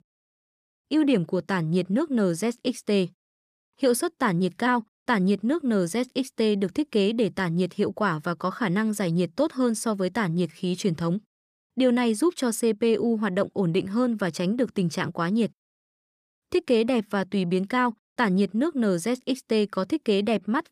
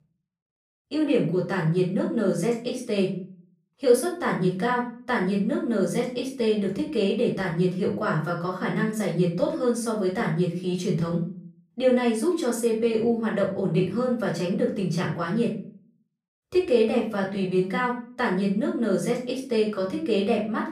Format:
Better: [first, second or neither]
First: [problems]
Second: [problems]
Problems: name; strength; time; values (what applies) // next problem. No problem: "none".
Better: first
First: none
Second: off-mic speech; far // room echo; slight; dies away in 0.4 s